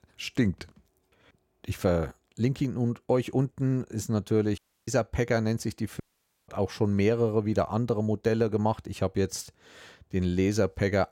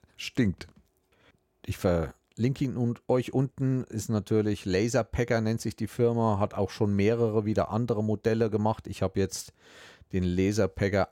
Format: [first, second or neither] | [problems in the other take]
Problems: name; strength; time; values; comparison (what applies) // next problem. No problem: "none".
second | audio cutting out; at 4.5 s and at 6 s